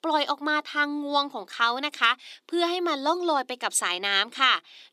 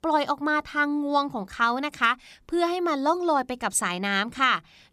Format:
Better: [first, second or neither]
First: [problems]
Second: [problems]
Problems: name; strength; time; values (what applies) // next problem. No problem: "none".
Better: second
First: thin; very slightly; fading below 300 Hz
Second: none